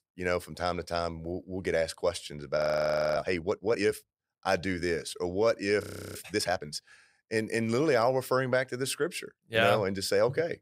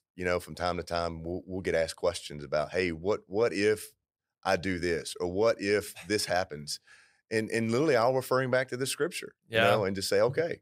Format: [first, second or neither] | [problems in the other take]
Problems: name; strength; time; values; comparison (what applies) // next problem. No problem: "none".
second | audio freezing; at 2.5 s for 0.5 s and at 6 s